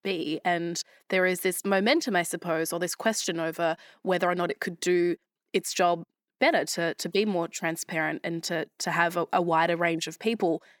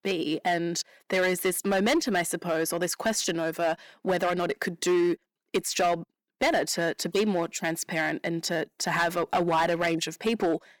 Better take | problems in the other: first | distortion; slight; 6% of the sound clipped

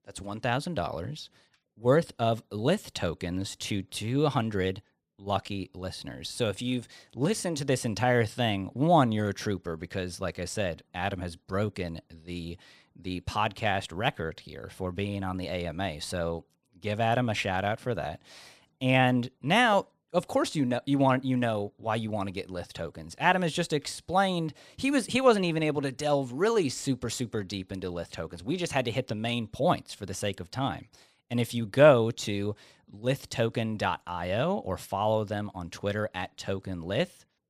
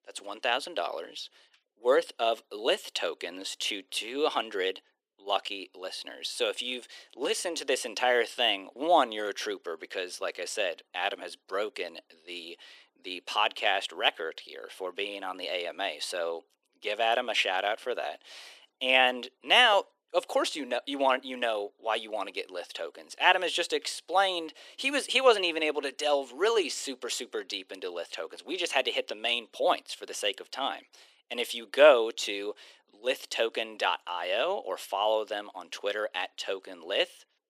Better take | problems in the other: first | thin; very; fading below 350 Hz

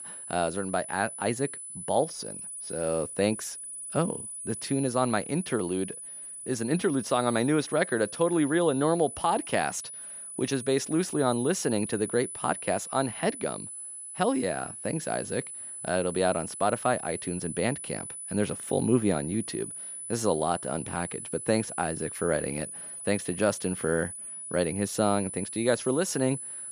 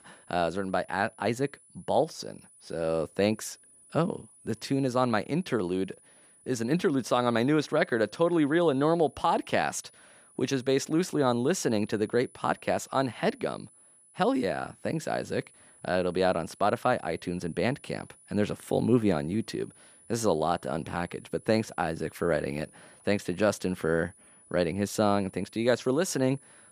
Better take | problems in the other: second | high-pitched whine; loud; throughout; 10 kHz, 8 dB below the speech; faint in the second

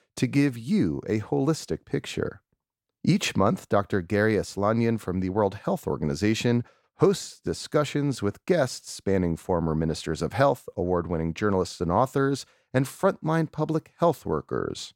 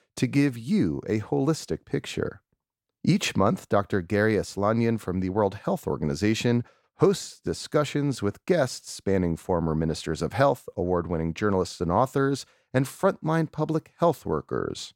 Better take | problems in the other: neither | none

